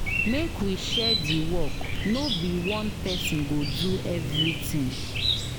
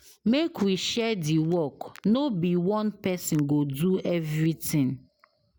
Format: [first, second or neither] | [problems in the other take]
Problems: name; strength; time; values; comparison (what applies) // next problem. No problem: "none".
second | background sound (Chirp, tweet); 2 dB above the speech